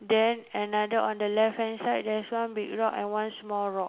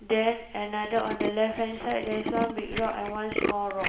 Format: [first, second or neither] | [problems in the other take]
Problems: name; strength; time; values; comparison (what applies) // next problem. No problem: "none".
first | background sound (Tools); 5 dB below the speech // room echo; dies away in 0.6 s